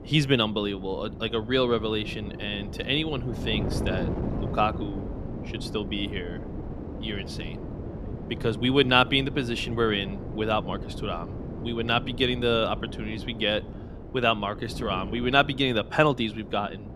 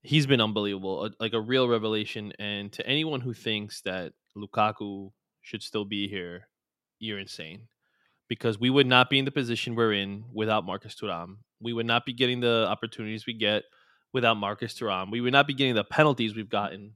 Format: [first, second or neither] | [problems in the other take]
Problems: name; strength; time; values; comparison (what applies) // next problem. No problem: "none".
second | wind noise on the microphone; occasional gusts; 15 dB below the speech